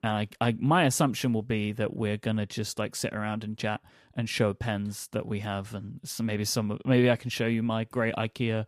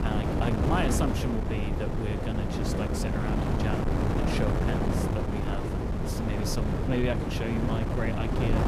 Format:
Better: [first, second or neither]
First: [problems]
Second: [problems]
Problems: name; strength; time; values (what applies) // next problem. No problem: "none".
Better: first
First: none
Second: wind noise on the microphone; heavy; 2 dB above the speech